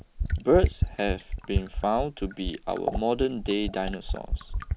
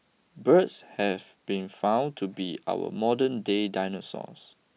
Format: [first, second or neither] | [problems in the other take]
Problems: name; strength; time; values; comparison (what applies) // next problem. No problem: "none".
second | background sound (Fill (with liquid)); 2 dB below the speech